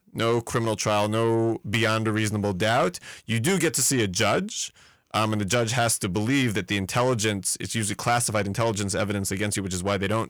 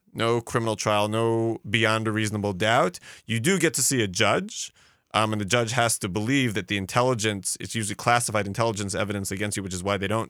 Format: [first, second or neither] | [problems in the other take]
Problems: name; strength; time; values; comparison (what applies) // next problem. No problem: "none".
second | distortion; slight; 10 dB below the speech